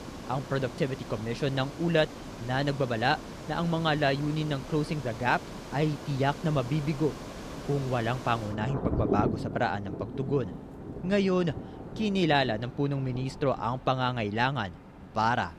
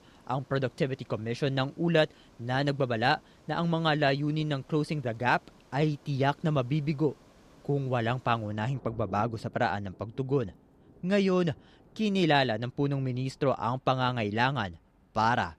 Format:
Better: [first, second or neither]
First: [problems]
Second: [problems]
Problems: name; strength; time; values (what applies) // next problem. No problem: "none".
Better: second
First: rain or running water; loud; throughout; 9 dB below the speech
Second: rain or running water; faint; throughout; 25 dB below the speech